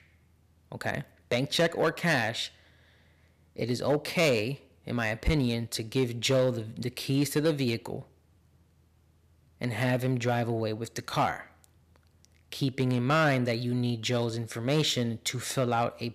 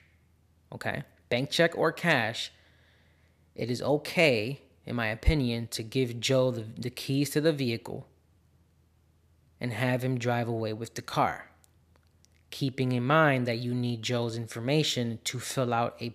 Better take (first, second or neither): second